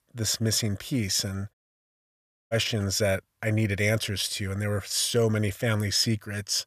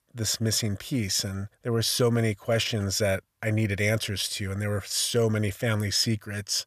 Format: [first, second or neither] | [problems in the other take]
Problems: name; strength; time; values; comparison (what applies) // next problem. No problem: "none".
second | audio cutting out; at 1.5 s for 1 s